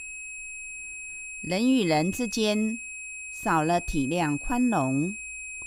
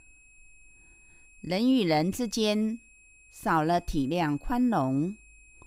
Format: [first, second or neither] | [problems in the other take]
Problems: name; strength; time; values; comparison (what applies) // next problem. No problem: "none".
second | high-pitched whine; loud; throughout; 2.5 kHz, 9 dB below the speech; faint in the second